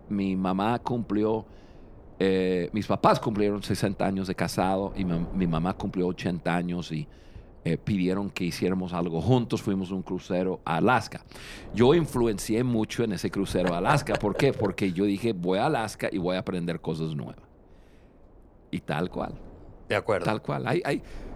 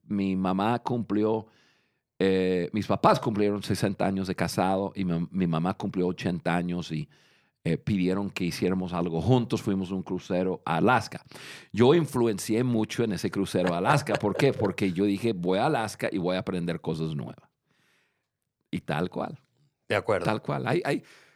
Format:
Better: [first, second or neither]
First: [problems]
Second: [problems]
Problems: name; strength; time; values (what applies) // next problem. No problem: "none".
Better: second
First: wind noise on the microphone; occasional gusts; 25 dB below the speech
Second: none